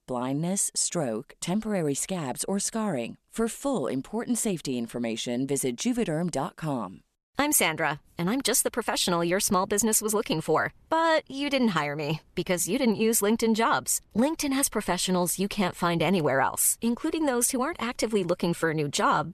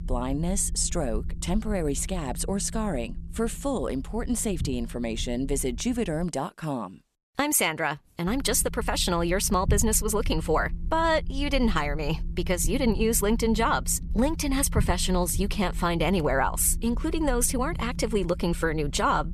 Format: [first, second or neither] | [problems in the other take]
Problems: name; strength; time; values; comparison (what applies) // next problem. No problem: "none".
first | low rumble; faint; until 6.5 s and from 8.5 s on; 20 dB below the speech